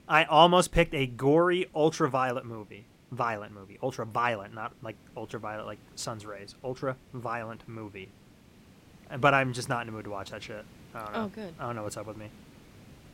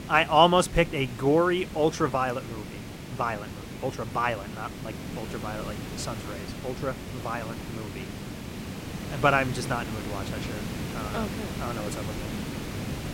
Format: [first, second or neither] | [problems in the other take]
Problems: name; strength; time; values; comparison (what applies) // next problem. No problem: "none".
first | hiss; loud; throughout; 9 dB below the speech; faint in the first